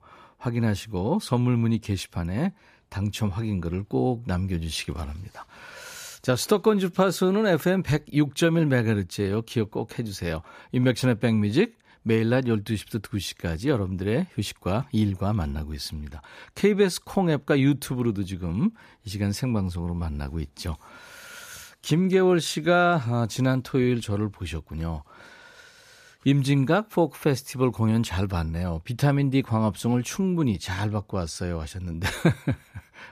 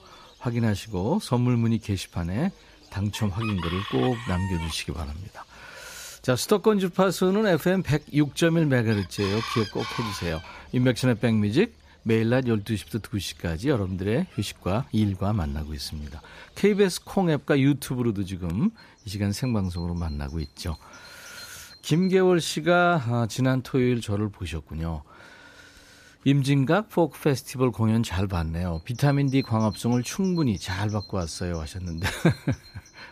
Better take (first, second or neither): first